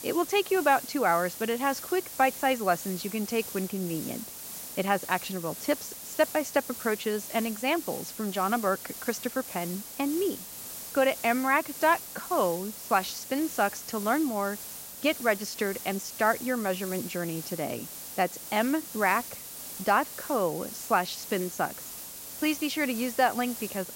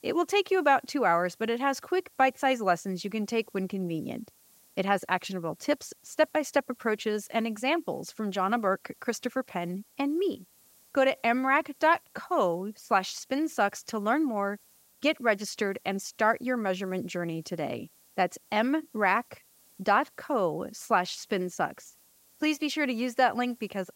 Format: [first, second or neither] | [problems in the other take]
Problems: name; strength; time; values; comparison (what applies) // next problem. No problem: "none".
second | hiss; loud; throughout; 9 dB below the speech; faint in the second